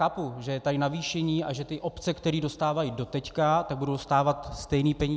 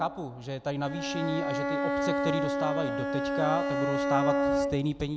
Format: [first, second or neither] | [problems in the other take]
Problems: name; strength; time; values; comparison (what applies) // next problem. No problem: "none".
first | background sound (Bowed string instrument); 2 dB above the speech